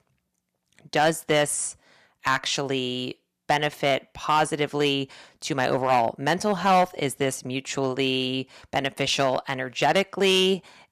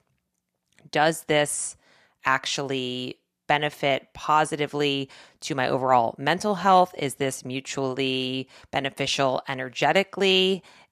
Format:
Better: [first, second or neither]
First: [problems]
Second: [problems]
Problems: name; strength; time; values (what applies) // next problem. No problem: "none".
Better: second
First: distortion; slight; 2% of the sound clipped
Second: none